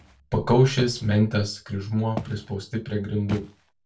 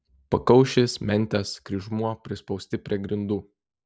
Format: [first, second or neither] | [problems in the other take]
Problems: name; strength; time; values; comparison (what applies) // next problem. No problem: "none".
second | background sound (Walk, footsteps); 16 dB below the speech // room echo; dies away in 0.2 s